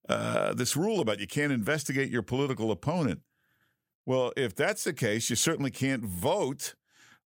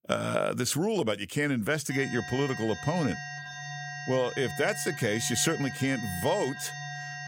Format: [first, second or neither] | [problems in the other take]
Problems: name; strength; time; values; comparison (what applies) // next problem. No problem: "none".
first | alarm; noticeable; from 2 s on; peak 8 dB below the speech